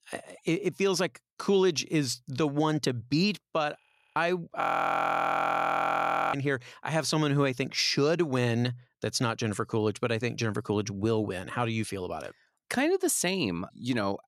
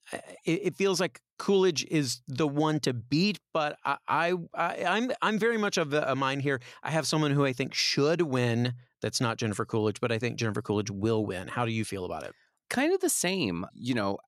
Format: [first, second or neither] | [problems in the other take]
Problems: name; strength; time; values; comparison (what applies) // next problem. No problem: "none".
second | audio freezing; at 4 s and at 4.5 s for 1.5 s